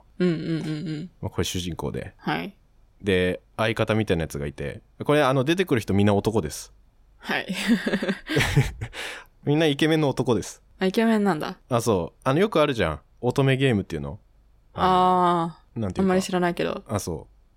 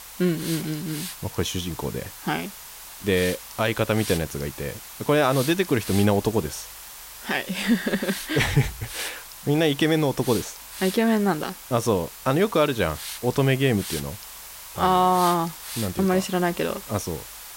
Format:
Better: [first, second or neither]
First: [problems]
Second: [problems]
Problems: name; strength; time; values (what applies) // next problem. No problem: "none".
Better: first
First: none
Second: hiss; noticeable; throughout; 10 dB below the speech